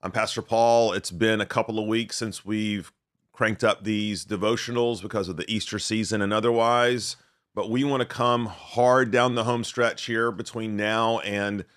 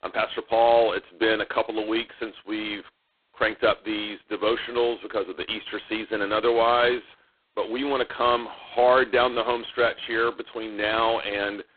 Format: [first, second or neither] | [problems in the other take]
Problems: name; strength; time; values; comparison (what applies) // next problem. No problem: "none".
first | phone-call audio; poor line; nothing above 3.5 kHz